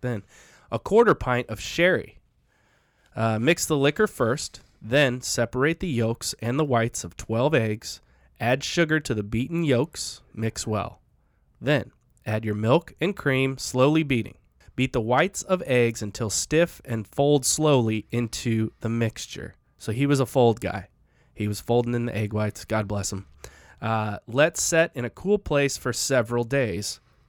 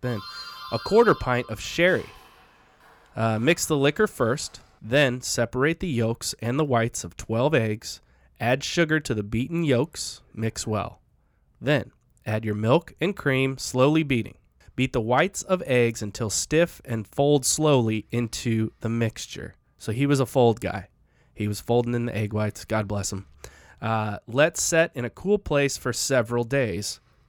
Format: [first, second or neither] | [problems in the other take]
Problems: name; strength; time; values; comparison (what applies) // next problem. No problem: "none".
first | doorbell; faint; until 3.5 s; peak 10 dB below the speech